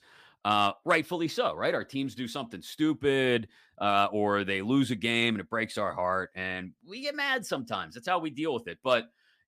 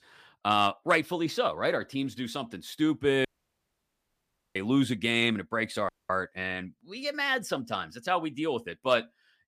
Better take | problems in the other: first | audio cutting out; at 3.5 s for 1.5 s and at 6 s

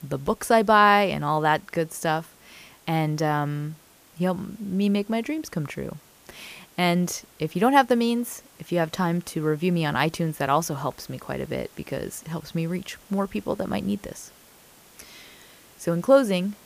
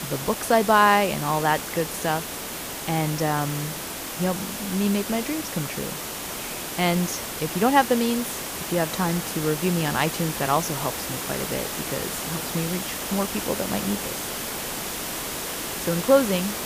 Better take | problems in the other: first | hiss; loud; throughout; 5 dB below the speech; faint in the first

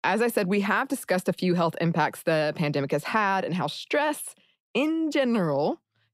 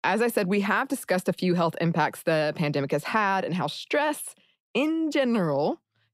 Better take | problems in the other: neither | none

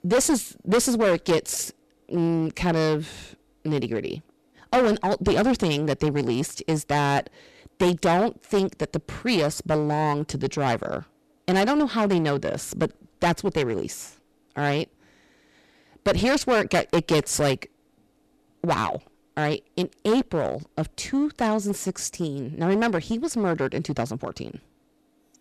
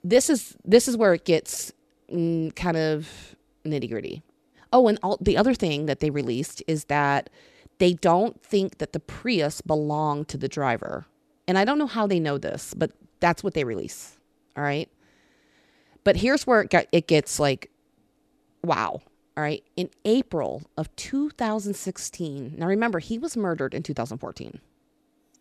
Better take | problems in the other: second | distortion; heavy; 8% of the sound clipped

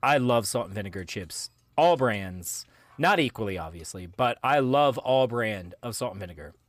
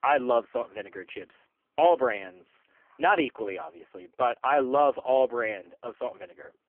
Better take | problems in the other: first | phone-call audio; poor line; nothing above 3 kHz

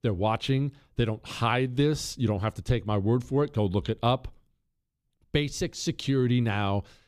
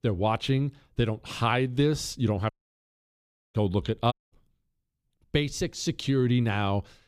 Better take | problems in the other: first | audio cutting out; at 2.5 s for 1 s and at 4 s

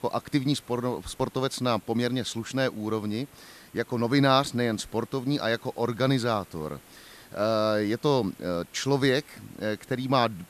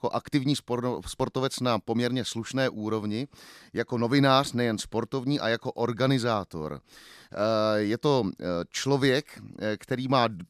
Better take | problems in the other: second | hiss; faint; throughout; 25 dB below the speech

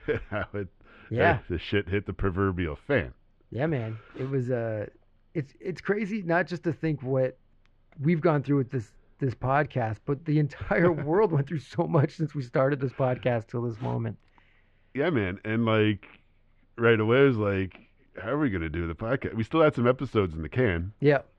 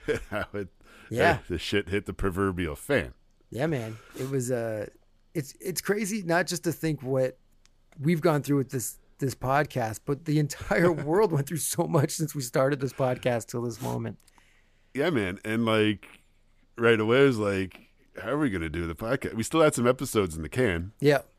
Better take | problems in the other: second | muffled; very; fading above 3 kHz

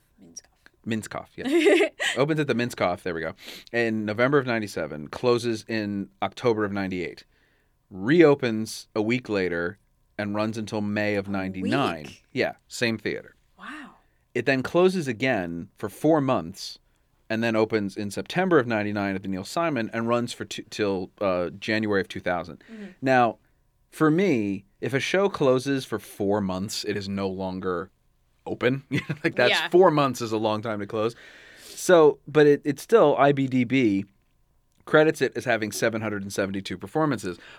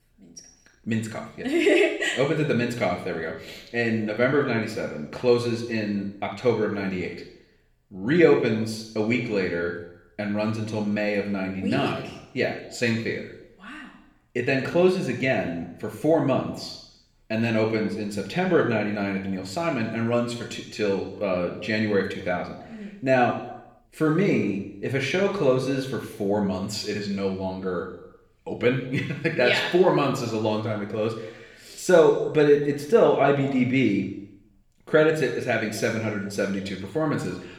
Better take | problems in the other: first | room echo; slight; dies away in 0.8 s // off-mic speech; somewhat distant

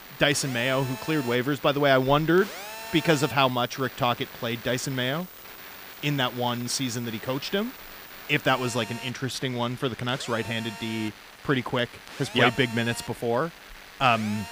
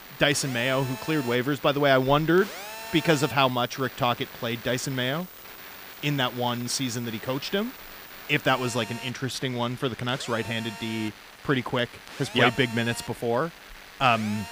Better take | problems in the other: neither | alarms or sirens; noticeable; throughout; 15 dB below the speech; the same in both

